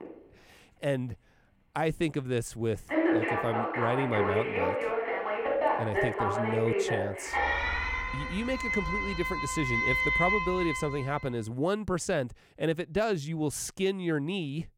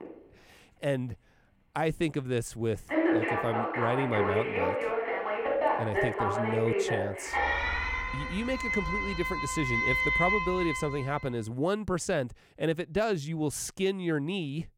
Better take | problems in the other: neither | alarms or sirens; very loud; until 11 s; 2 dB above the speech; the same in both

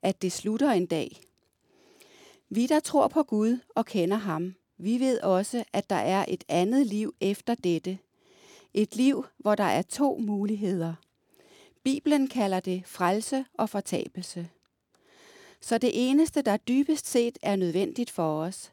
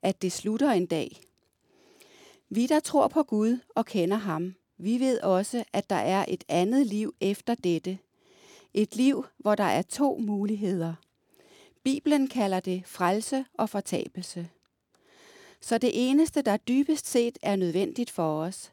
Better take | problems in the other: neither | none

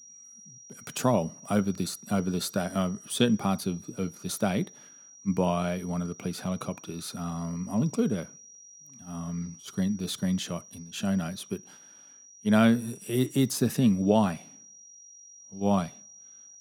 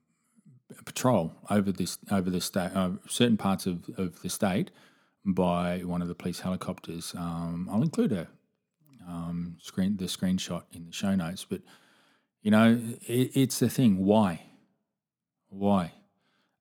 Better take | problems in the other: second | high-pitched whine; noticeable; throughout; 5.5 kHz, 20 dB below the speech

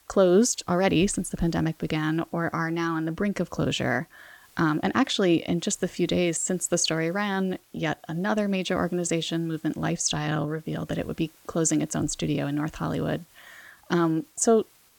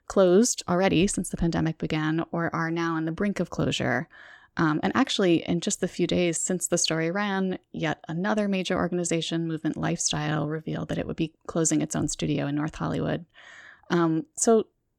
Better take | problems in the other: second | hiss; faint; throughout; 30 dB below the speech

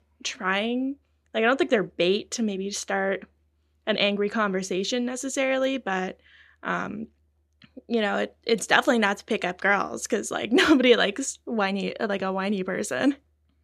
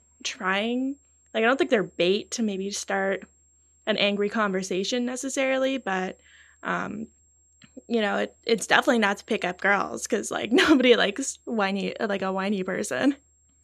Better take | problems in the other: first | high-pitched whine; faint; throughout; 7.5 kHz, 35 dB below the speech

